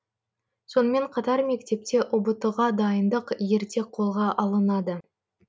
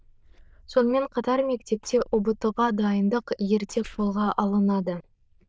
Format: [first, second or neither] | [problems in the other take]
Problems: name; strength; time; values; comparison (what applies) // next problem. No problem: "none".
first | noise reduction (neural diffusion model UNIVERSE++)